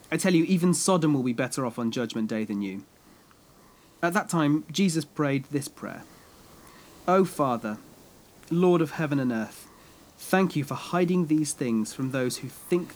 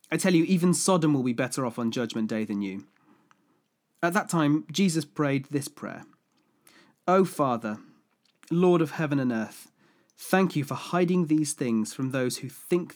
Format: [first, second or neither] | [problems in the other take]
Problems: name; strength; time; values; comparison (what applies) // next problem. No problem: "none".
second | hiss; faint; throughout; 25 dB below the speech